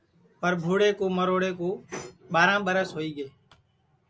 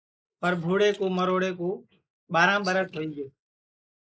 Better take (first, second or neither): first